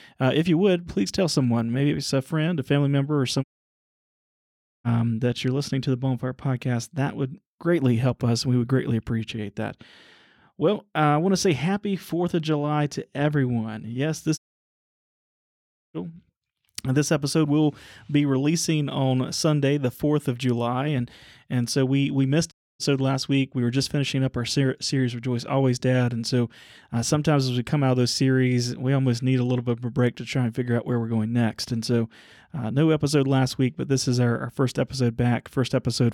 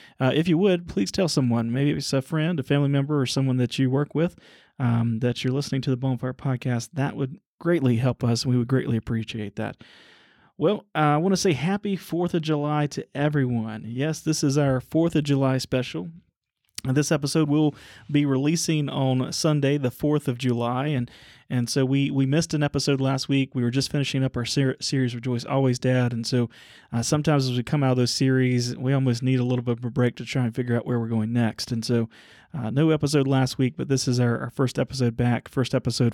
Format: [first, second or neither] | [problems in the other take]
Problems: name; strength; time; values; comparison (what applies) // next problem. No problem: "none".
second | audio cutting out; at 3.5 s for 1.5 s, at 14 s for 1.5 s and at 23 s